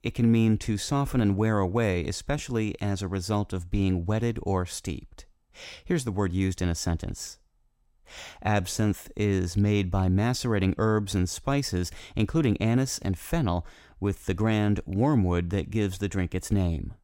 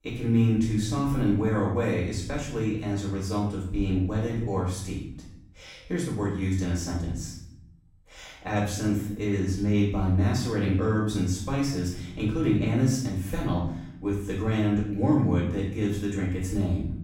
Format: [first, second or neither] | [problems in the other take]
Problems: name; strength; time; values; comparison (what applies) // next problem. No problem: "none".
first | off-mic speech; far // room echo; noticeable; dies away in 0.7 s